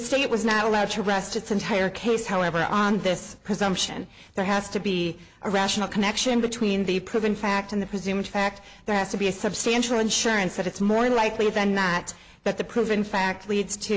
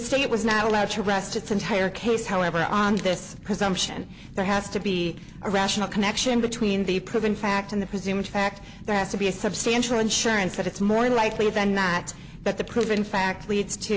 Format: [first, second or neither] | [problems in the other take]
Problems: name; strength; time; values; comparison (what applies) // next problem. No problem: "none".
first | background sound (Fire); 17 dB below the speech